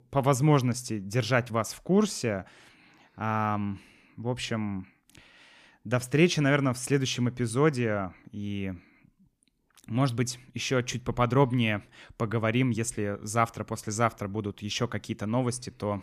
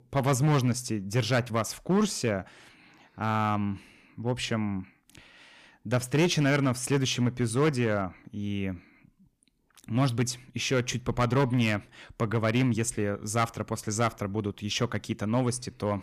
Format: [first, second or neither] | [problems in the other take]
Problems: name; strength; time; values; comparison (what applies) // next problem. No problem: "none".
first | distortion; slight; 4% of the sound clipped